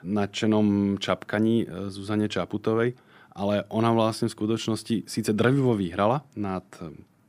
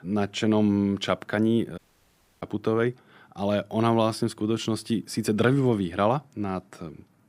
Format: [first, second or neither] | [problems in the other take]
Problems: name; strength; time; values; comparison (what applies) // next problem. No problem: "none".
first | audio cutting out; at 2 s for 0.5 s